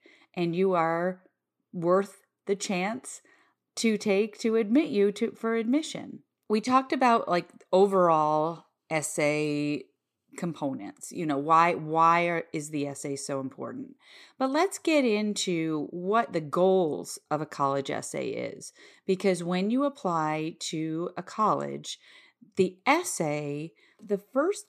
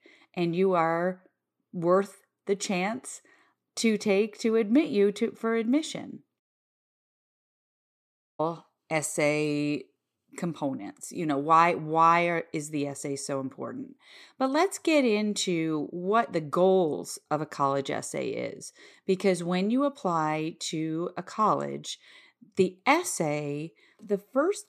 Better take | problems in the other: first | audio cutting out; at 6.5 s for 2 s

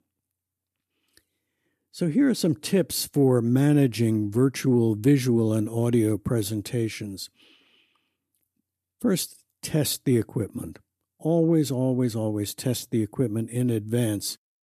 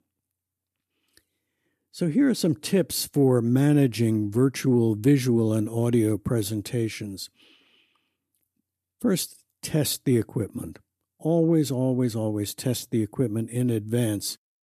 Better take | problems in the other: neither | none

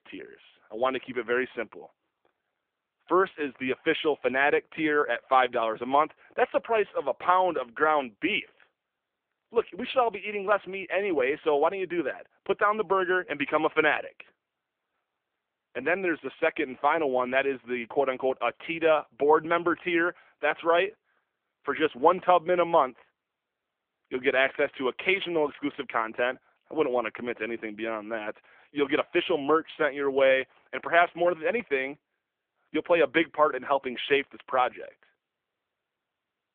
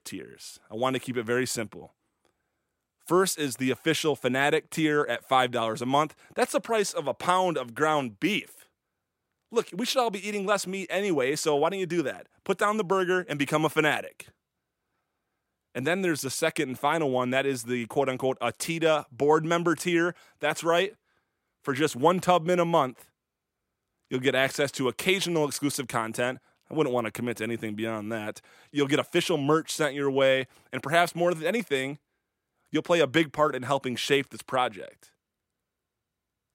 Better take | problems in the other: second | phone-call audio; nothing above 3.5 kHz

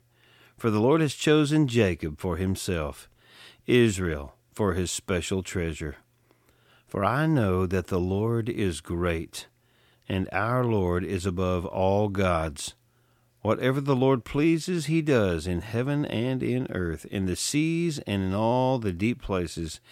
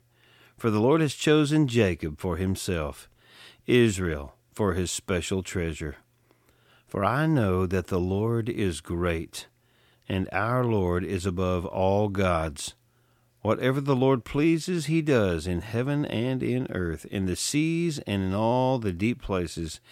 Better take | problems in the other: neither | none

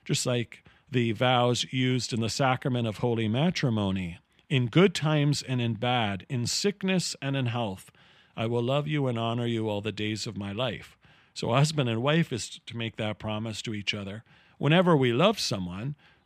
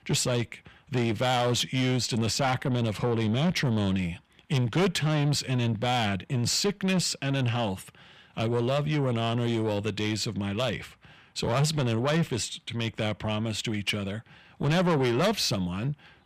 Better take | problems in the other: first | distortion; heavy; 8 dB below the speech

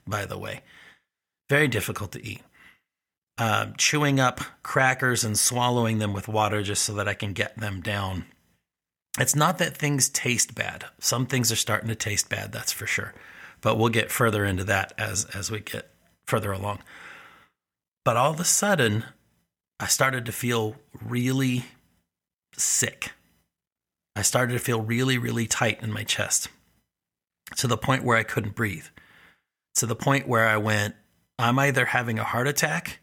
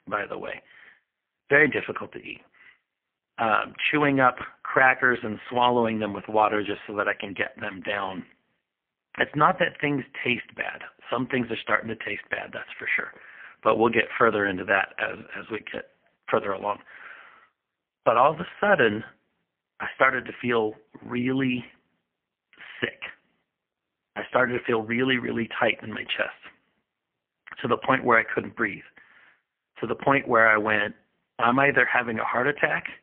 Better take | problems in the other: first | phone-call audio; poor line; nothing above 3 kHz

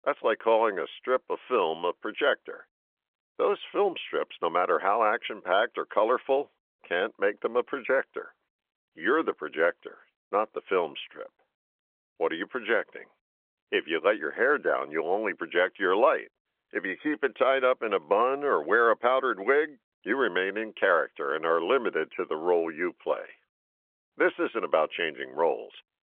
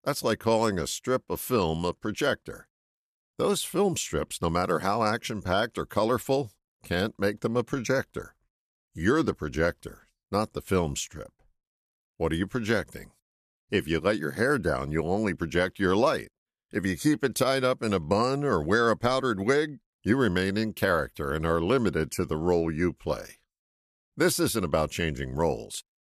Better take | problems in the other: second | phone-call audio; nothing above 3.5 kHz

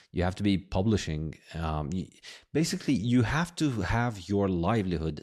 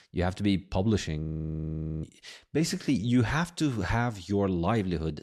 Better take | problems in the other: first | audio freezing; at 1.5 s for 1 s

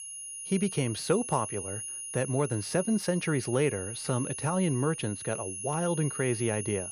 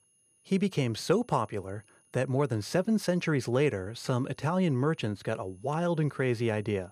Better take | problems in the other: second | high-pitched whine; loud; throughout; 10.5 kHz, 6 dB below the speech; faint in the second

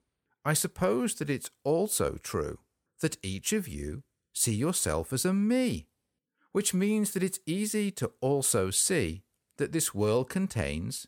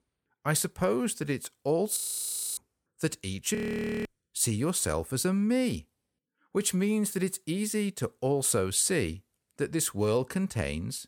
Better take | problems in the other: first | audio freezing; at 2 s for 0.5 s and at 3.5 s for 0.5 s

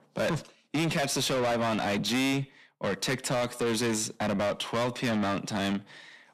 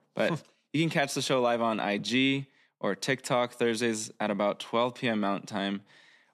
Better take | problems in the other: second | distortion; heavy; 6 dB below the speech

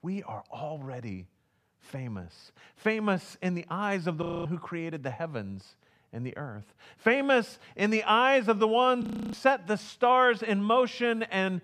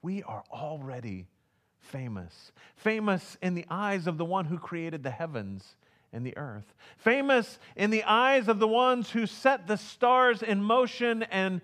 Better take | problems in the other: second | audio freezing; at 4 s and at 9 s

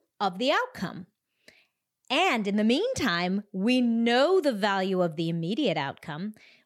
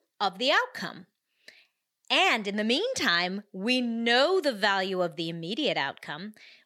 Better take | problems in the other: first | thin; very slightly; fading below 400 Hz

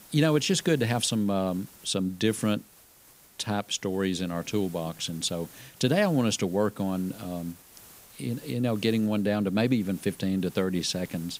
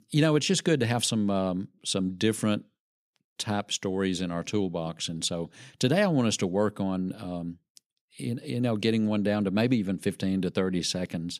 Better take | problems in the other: second | hiss; faint; throughout; 20 dB below the speech

